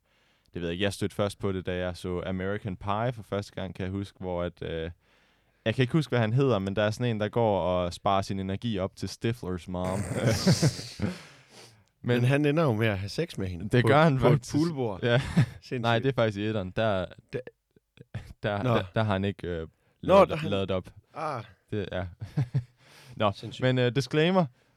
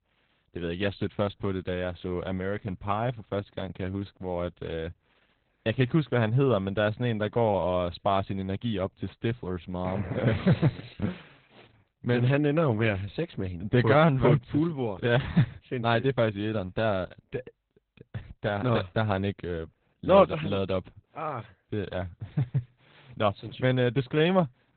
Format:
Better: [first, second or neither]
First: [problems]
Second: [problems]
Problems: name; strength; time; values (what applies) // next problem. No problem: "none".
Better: first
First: none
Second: garbled, watery; badly; nothing above 4 kHz